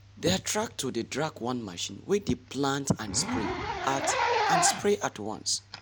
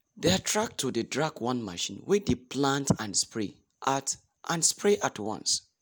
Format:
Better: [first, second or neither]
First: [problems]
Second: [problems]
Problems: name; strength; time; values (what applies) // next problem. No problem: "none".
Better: second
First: background sound (Zipper (clothing)); 3 dB below the speech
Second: none